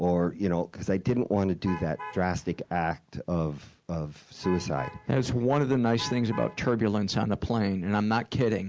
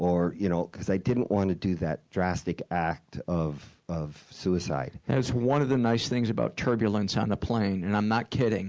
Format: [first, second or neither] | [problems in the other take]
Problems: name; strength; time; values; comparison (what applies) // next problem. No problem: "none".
second | background sound (Alarm / Truck); 16 dB below the speech